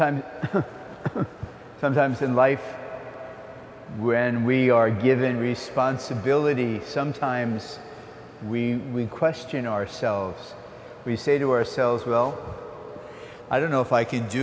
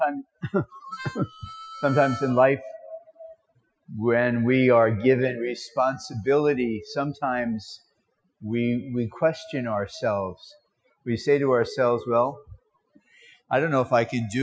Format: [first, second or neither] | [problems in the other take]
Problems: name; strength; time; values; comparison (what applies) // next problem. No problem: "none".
first | noise reduction (classical method Wiener filter)